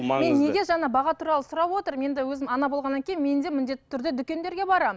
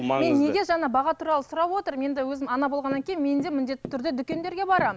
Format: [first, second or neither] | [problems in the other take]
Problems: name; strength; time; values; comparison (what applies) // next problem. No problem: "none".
first | background sound (Tap); 18 dB below the speech